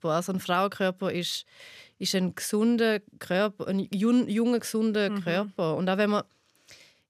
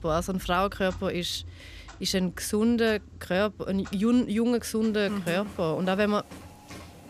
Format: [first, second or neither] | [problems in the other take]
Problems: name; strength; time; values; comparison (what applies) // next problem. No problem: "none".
first | household noises; noticeable; throughout; 20 dB below the speech